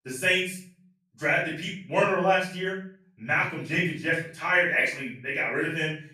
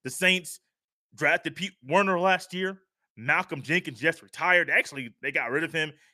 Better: second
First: room echo; noticeable; dies away in 0.5 s // off-mic speech; far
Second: none

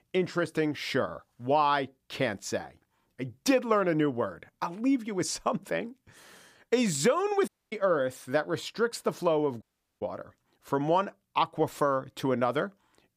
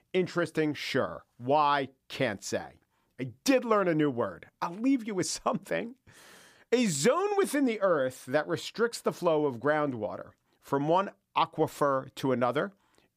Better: second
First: audio cutting out; at 7.5 s and at 9.5 s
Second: none

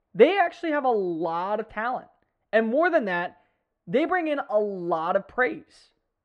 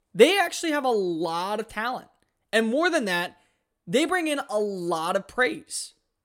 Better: second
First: muffled; very; fading above 1.5 kHz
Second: none

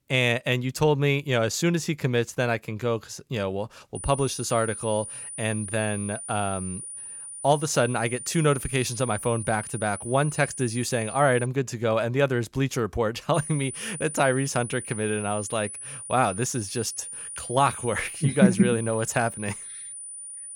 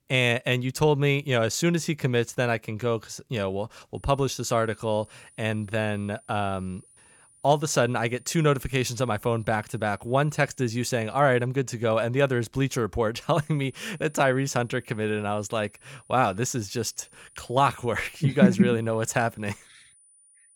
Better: second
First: high-pitched whine; loud; from 4 to 11 s and from 13 s on; 9.5 kHz, 9 dB below the speech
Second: high-pitched whine; faint; from 4 to 11 s and from 13 s on; 9.5 kHz, 30 dB below the speech

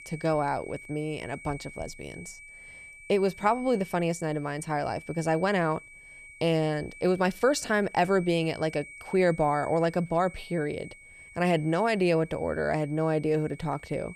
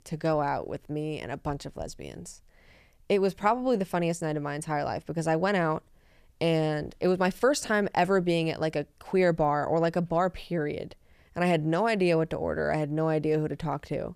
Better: second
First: high-pitched whine; noticeable; throughout; 2.5 kHz, 20 dB below the speech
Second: none

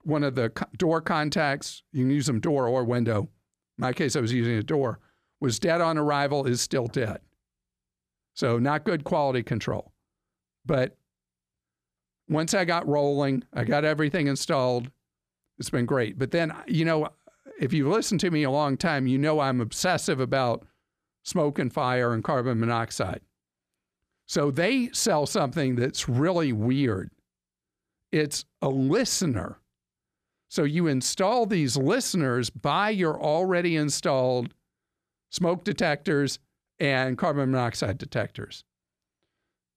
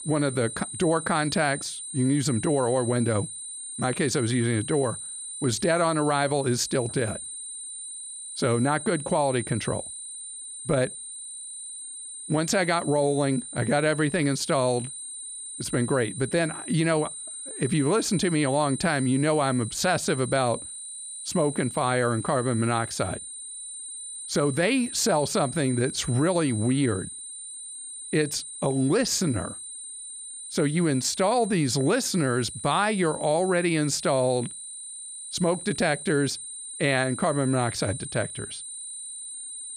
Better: first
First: none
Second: high-pitched whine; loud; throughout; 9 kHz, 10 dB below the speech

